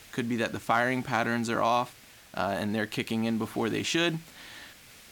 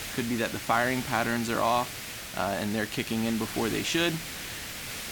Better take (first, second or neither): first